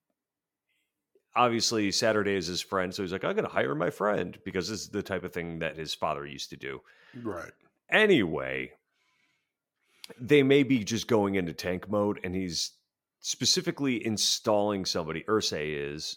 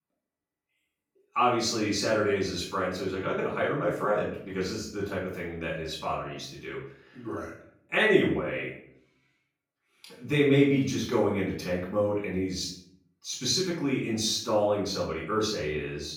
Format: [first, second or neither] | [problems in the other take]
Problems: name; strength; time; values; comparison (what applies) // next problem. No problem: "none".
first | off-mic speech; far // room echo; noticeable; dies away in 0.5 s